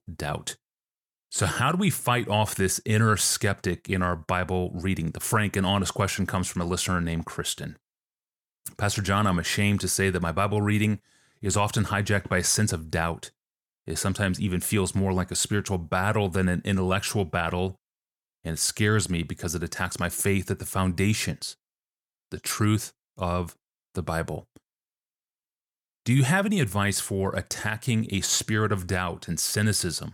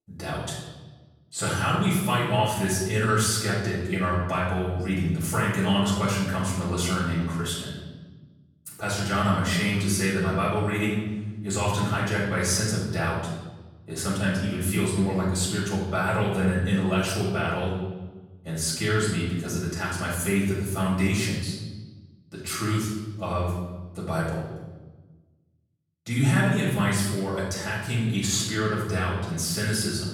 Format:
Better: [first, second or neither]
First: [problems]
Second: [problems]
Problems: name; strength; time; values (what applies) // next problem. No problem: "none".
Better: first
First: none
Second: off-mic speech; far // room echo; noticeable; dies away in 1.1 s